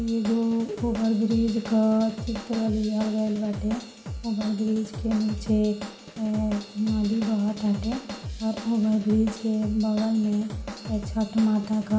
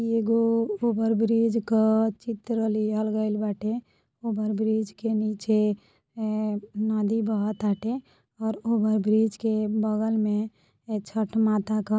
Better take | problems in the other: second | background sound (Drum / Drum kit); 11 dB below the speech // room echo; dies away in 0.8 s

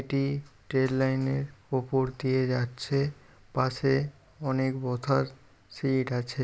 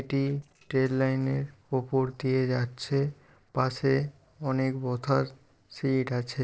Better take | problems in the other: first | noise reduction (neural separator model SepFormer DNS4)

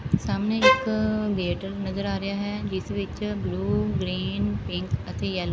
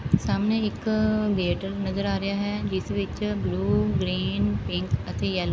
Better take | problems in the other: second | background sound (Bowed string instrument); 3 dB above the speech

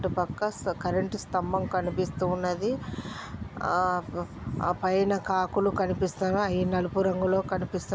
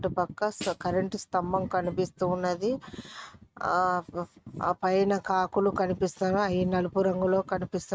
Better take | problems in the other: first | noise reduction (neural mask model RNNoise)

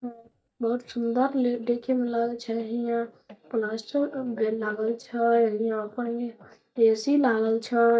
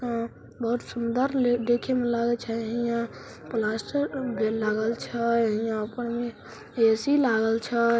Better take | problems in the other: second | noise reduction (neural mask model DeepFilterNet 3)

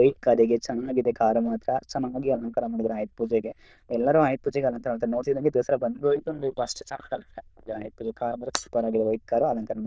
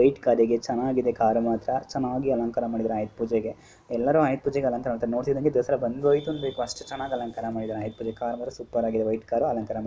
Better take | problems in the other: second | noise reduction (neural diffusion model UNIVERSE++)

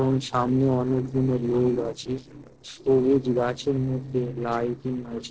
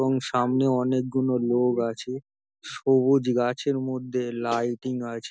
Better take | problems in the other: second | noise reduction (neural separator model SepFormer DNS4)

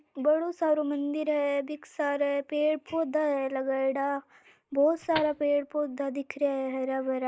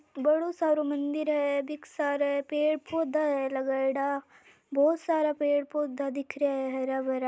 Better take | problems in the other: second | noise reduction (neural mask model DeepFilterNet 3)

